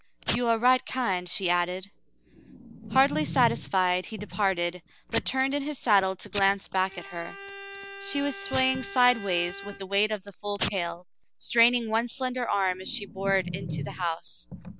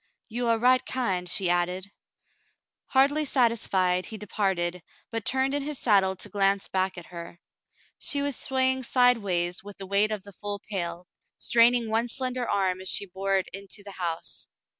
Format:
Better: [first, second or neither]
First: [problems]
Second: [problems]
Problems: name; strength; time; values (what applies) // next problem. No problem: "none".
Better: second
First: background sound (Packing tape, duct tape / Tearing + Bowed string instrument); 11 dB below the speech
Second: none